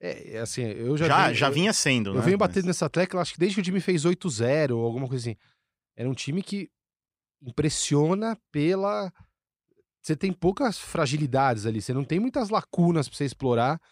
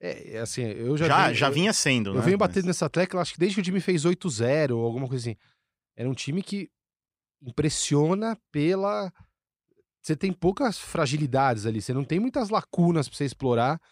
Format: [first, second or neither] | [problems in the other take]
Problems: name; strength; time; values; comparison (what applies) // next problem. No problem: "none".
neither | none